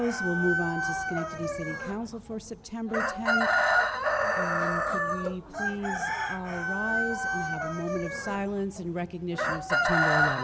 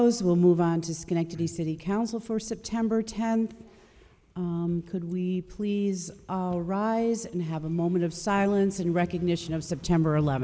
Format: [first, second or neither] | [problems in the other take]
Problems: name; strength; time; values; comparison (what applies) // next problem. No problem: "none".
second | background sound (Chicken, rooster); 4 dB above the speech